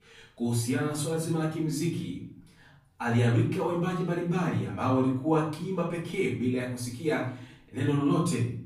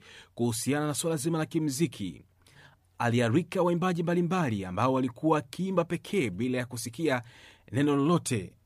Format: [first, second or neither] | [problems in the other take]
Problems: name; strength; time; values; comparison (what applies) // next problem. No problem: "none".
second | room echo; noticeable; dies away in 0.5 s // off-mic speech; far